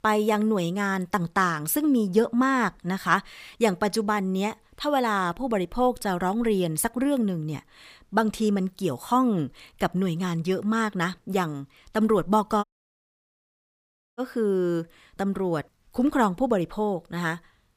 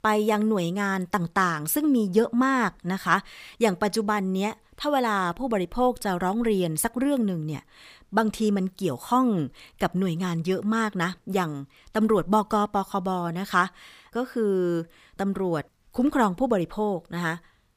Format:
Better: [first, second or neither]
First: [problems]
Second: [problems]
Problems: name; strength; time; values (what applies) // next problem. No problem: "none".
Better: second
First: audio cutting out; at 13 s for 1.5 s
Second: none